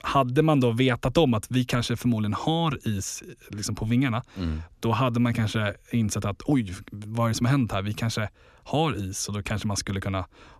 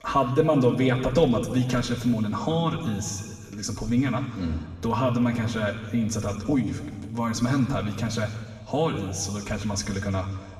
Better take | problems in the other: first | room echo; noticeable; dies away in 1.5 s // off-mic speech; far

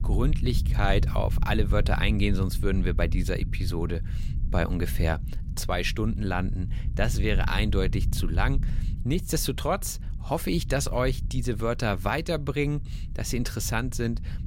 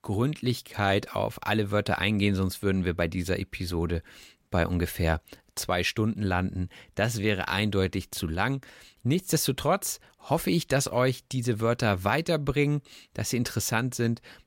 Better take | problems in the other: second | low rumble; noticeable; throughout; 15 dB below the speech

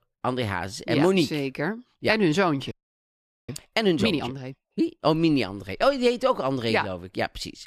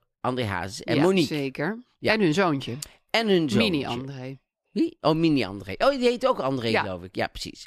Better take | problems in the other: second | audio freezing; at 2.5 s for 1 s

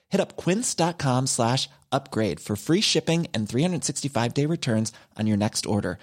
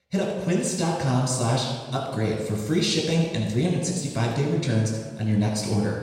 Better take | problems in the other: first | room echo; noticeable; dies away in 1.1 s // off-mic speech; somewhat distant

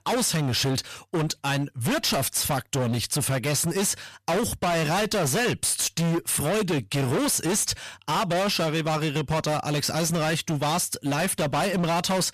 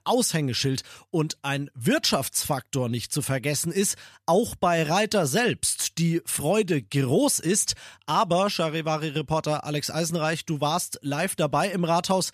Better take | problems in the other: second | distortion; heavy; 32% of the sound clipped

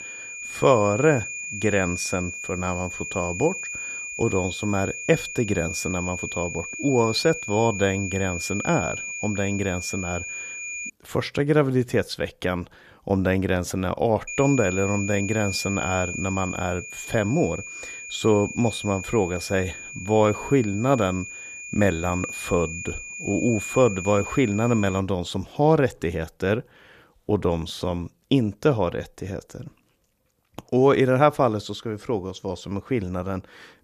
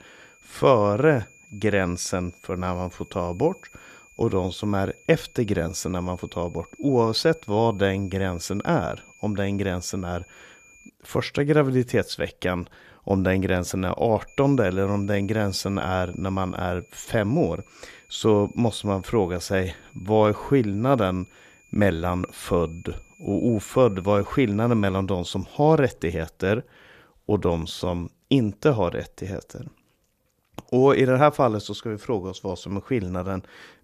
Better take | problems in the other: second | high-pitched whine; loud; until 11 s and from 14 to 25 s; 2.5 kHz, 8 dB below the speech; faint in the second

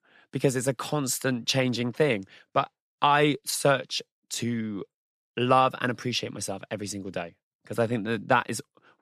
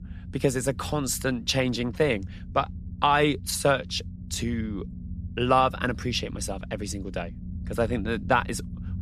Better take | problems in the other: first | low rumble; faint; throughout; 25 dB below the speech

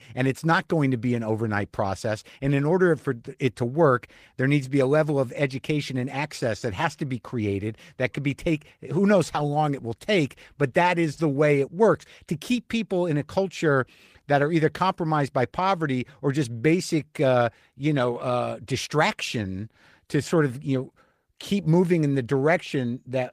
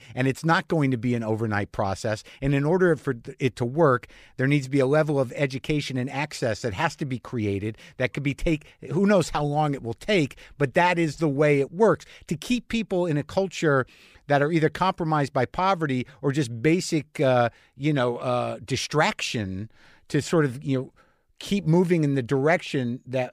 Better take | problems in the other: second | garbled, watery; slightly; nothing above 15 kHz

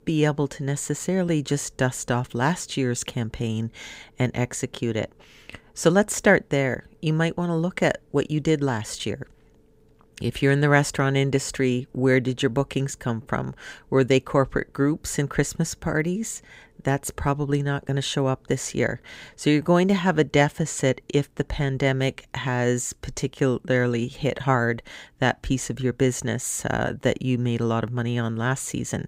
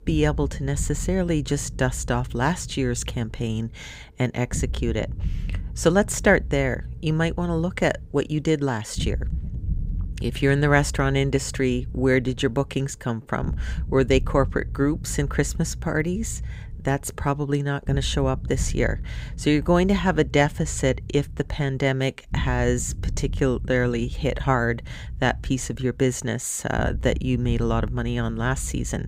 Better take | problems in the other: first | low rumble; faint; throughout; 20 dB below the speech

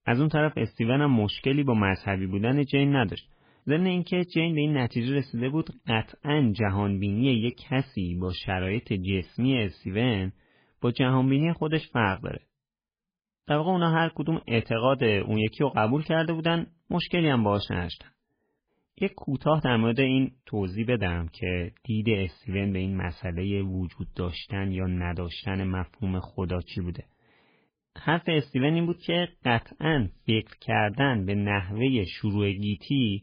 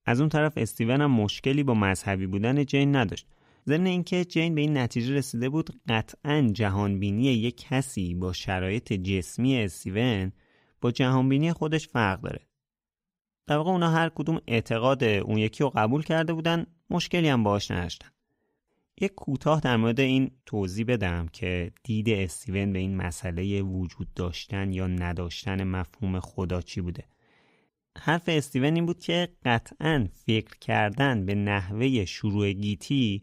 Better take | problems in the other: second | garbled, watery; badly; nothing above 5 kHz

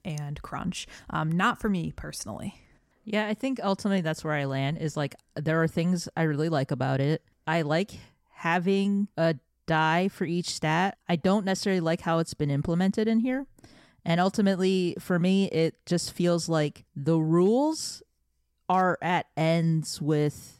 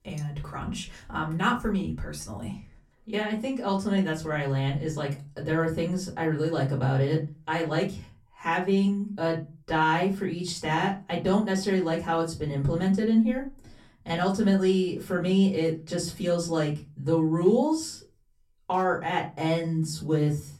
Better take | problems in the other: first | off-mic speech; far // room echo; very slight; dies away in 0.3 s

